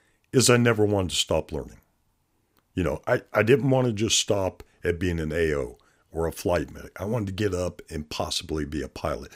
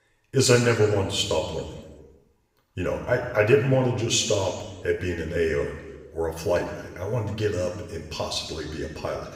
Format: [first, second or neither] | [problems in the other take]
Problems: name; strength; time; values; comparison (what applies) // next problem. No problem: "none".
first | room echo; noticeable; dies away in 1.2 s // off-mic speech; somewhat distant